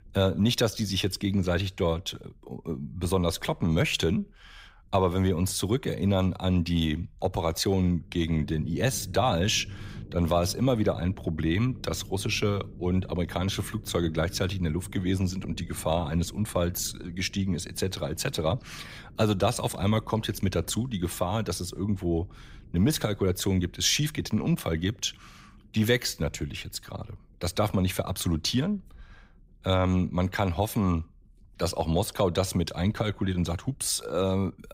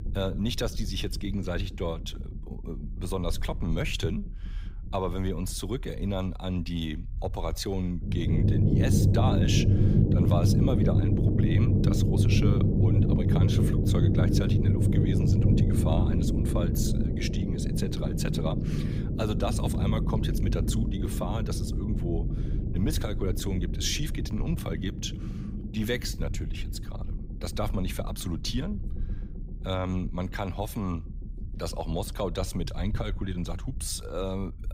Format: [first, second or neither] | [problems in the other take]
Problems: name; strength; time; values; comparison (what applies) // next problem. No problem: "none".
first | low rumble; loud; throughout; as loud as the speech; faint in the first